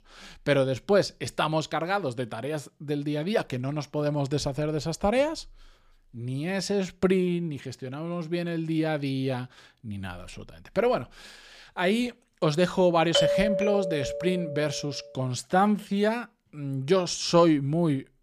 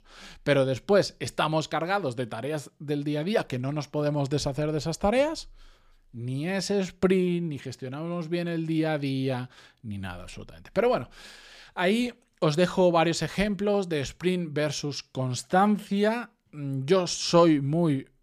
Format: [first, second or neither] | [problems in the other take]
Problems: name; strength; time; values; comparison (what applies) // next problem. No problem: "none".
second | doorbell; loud; from 13 to 15 s; peak 4 dB above the speech